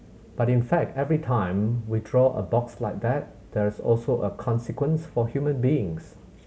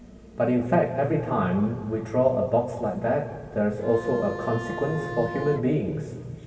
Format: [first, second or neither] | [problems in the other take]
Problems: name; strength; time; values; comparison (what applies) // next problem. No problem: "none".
first | background sound (Bowed string instrument); 12 dB below the speech // room echo; dies away in 2.2 s